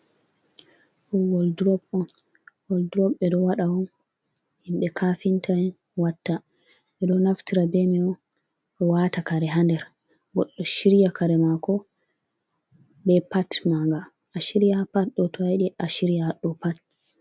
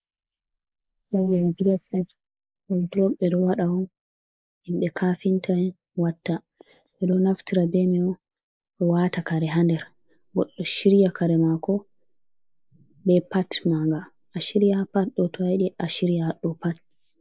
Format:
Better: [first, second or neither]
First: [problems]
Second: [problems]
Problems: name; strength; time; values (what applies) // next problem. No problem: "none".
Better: first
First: none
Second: noise reduction (neural mask model Resemble Enhance denoiser)